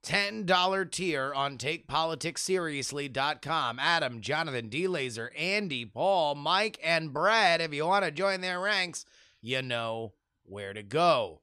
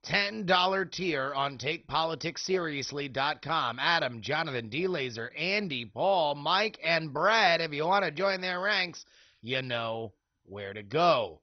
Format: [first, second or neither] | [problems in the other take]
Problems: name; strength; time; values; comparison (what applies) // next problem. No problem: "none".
first | garbled, watery; badly; nothing above 6 kHz